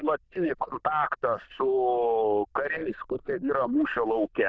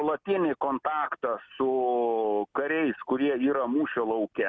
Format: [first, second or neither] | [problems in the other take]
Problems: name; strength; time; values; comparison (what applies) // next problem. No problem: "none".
second | noise reduction (neural diffusion model UNIVERSE++)